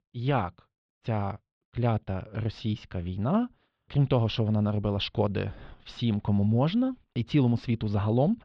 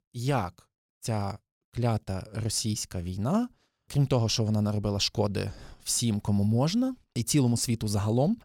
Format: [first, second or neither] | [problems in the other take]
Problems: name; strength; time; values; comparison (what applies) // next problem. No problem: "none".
second | muffled; very; fading above 3.5 kHz